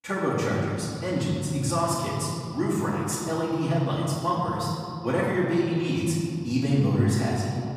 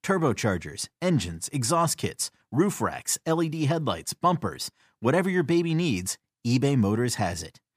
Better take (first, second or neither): second